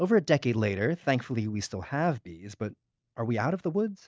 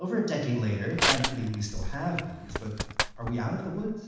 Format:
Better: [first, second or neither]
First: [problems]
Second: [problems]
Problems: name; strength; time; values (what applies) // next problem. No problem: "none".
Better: first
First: none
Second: background sound (Crushing); 2 dB below the speech // room echo; dies away in 1.1 s